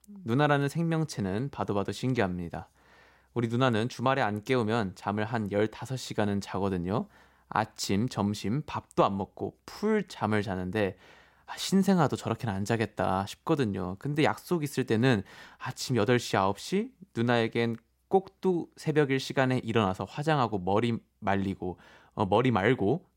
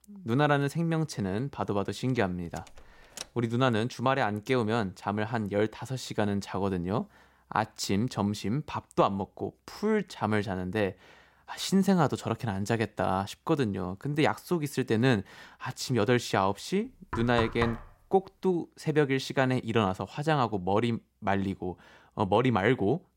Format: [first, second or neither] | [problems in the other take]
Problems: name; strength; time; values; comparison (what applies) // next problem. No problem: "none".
first | door banging; faint; at 2.5 s; peak 15 dB below the speech // door banging; noticeable; at 17 s; peak 5 dB below the speech